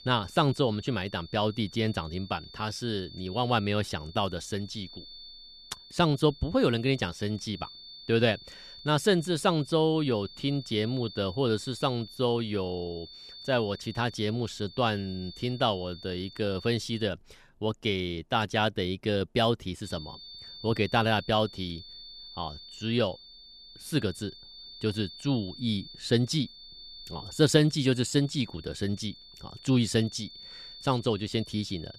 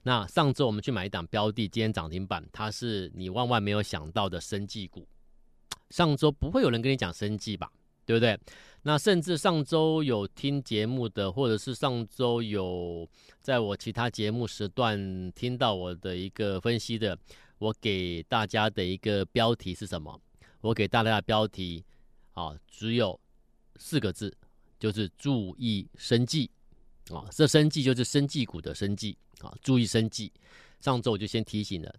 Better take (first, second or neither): second